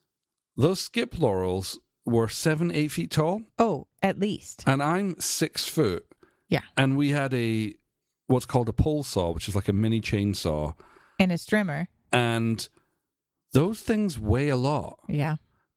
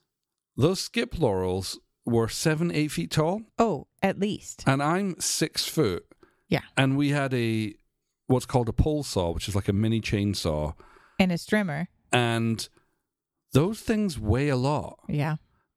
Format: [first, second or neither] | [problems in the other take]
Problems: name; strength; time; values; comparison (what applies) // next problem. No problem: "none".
second | garbled, watery; slightly; nothing above 19.5 kHz